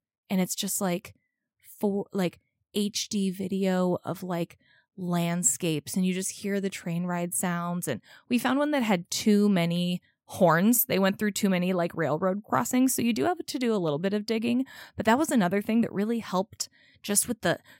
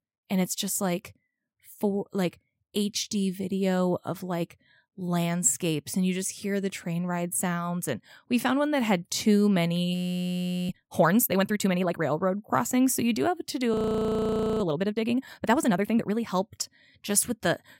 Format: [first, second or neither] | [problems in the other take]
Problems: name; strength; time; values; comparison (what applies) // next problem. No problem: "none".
first | audio freezing; at 10 s for 1 s and at 14 s for 1 s